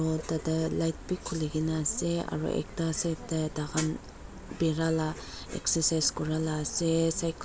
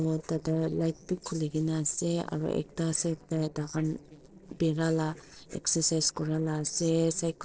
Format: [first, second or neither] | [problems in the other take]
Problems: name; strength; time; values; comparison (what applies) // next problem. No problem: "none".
first | noise reduction (neural separator model SepFormer DNS4)